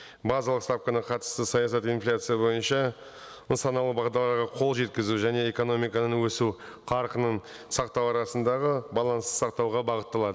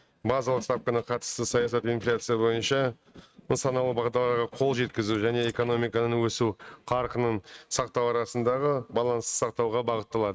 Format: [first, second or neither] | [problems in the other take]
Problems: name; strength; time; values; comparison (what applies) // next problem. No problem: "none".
first | noise reduction (neural mask model RNNoise)